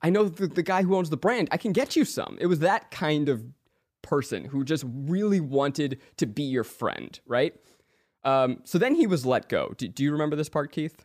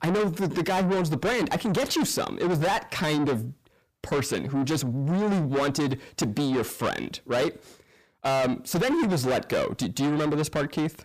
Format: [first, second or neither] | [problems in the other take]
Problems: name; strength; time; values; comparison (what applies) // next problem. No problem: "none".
first | distortion; heavy; 6 dB below the speech